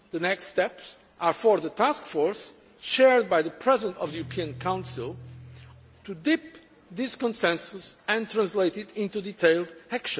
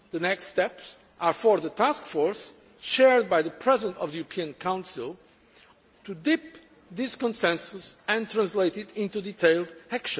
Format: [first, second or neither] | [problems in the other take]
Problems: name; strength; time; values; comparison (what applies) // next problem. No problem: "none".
second | background sound (Guitar); 17 dB below the speech